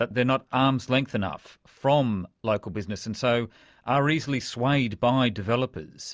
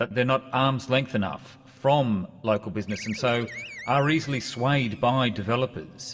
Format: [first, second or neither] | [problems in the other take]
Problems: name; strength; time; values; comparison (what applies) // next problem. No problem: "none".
first | background sound (Animal); 18 dB below the speech // room echo; dies away in 2.3 s